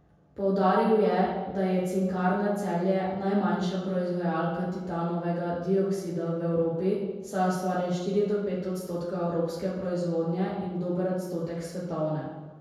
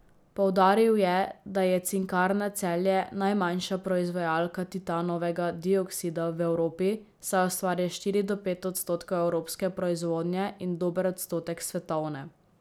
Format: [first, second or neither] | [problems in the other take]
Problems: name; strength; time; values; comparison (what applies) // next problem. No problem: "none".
second | room echo; dies away in 1.2 s